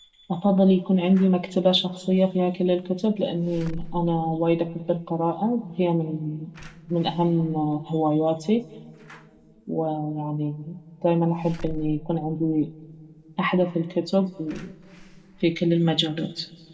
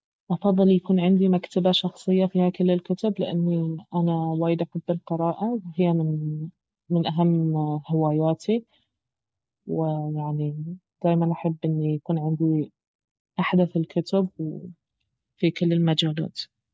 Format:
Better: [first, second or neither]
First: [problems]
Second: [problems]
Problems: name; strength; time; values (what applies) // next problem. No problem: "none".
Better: second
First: background sound (Slam / Alarm); 19 dB below the speech // room echo; dies away in 1.4 s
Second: none